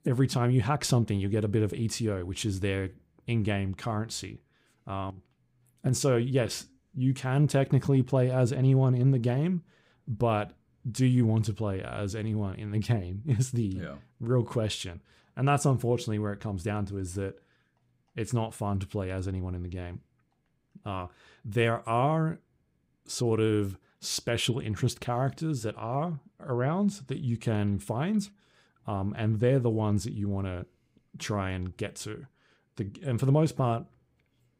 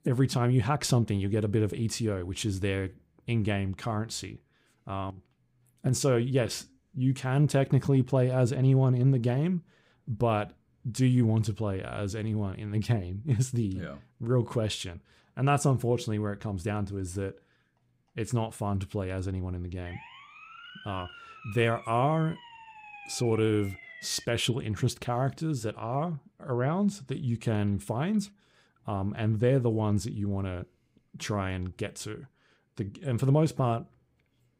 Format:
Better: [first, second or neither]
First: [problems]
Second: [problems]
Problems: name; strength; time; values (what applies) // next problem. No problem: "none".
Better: first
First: none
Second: siren; faint; from 20 to 24 s; peak 15 dB below the speech